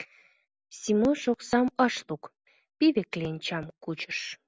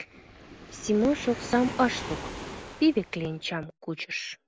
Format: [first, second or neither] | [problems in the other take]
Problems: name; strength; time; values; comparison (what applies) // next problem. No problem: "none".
first | background sound (Waves, surf); 12 dB below the speech